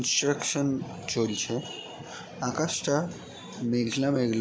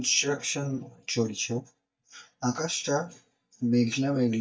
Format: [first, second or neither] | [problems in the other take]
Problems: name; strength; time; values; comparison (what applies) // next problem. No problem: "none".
first | noise reduction (neural mask model DeepFilterNet 3)